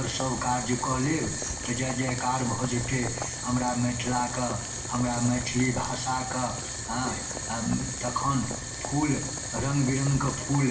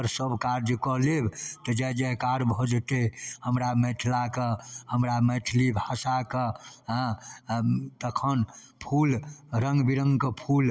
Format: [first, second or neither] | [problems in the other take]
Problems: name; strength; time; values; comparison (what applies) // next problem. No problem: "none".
second | background sound (Boiling); 5 dB below the speech // room echo; dies away in 0.7 s